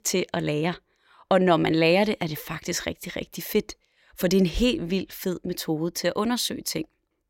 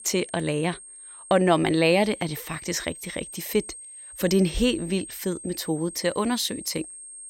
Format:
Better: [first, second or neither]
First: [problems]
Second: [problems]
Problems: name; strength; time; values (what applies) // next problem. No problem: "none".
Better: first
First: none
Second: high-pitched whine; noticeable; throughout; 8.5 kHz, 15 dB below the speech